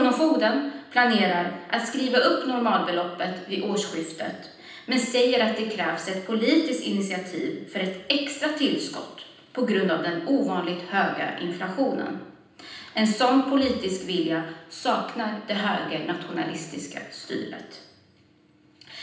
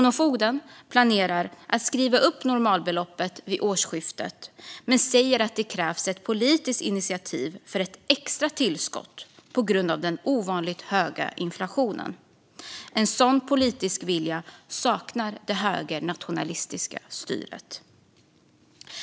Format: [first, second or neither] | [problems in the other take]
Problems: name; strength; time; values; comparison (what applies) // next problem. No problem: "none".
second | room echo; dies away in 0.9 s